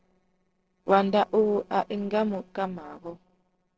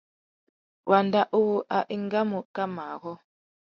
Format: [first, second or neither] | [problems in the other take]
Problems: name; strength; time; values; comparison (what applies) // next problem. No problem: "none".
second | noise reduction (neural separator model SepFormer DNS4)